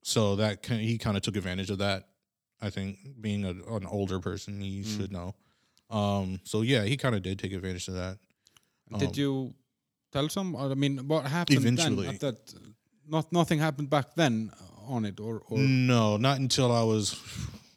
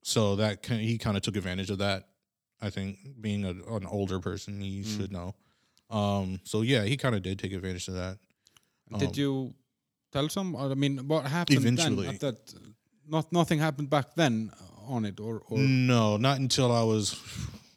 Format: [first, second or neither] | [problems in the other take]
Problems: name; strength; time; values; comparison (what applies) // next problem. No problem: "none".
neither | none